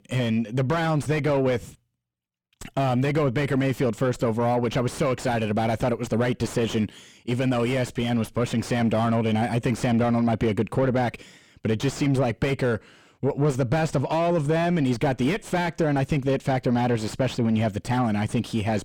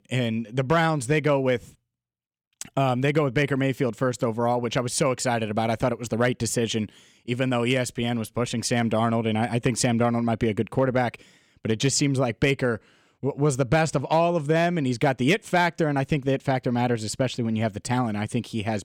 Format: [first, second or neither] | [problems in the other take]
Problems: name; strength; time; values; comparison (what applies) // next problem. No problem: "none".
second | distortion; heavy; 7 dB below the speech